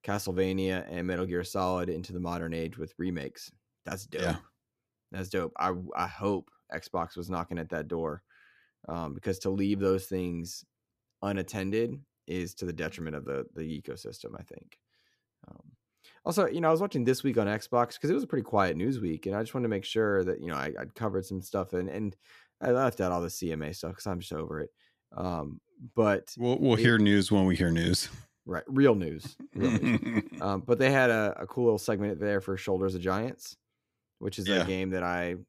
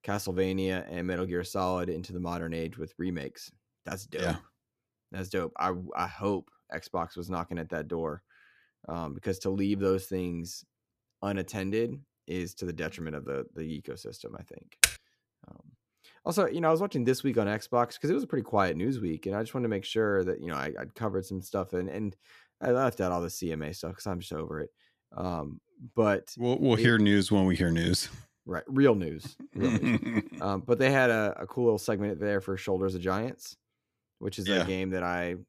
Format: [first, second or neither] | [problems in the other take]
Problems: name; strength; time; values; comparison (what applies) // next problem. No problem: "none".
first | keyboard typing; loud; at 15 s; peak 6 dB above the speech